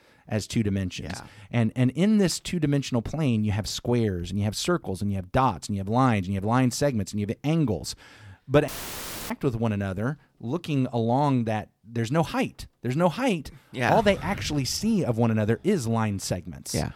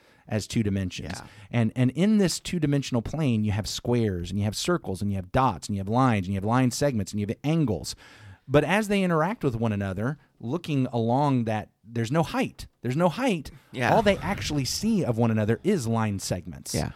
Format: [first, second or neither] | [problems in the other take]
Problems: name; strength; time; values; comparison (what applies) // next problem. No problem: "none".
second | audio cutting out; filled with static; at 8.5 s for 0.5 s